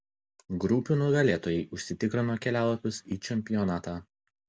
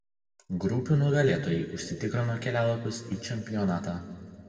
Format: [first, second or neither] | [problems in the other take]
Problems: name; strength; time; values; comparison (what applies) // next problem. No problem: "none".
first | room echo; dies away in 1.9 s